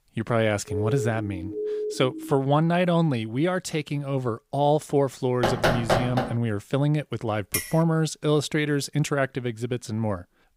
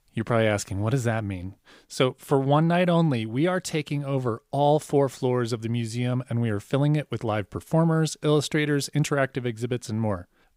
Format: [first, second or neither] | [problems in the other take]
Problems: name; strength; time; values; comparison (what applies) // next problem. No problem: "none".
second | siren; noticeable; from 0.5 to 2.5 s; peak 4 dB below the speech // door banging; loud; at 5.5 s; peak 3 dB above the speech // clattering dishes; noticeable; at 7.5 s; peak 3 dB below the speech